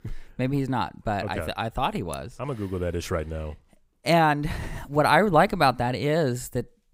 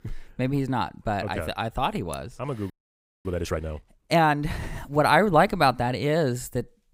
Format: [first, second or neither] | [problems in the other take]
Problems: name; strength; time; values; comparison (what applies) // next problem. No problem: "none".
first | audio freezing; at 2.5 s for 0.5 s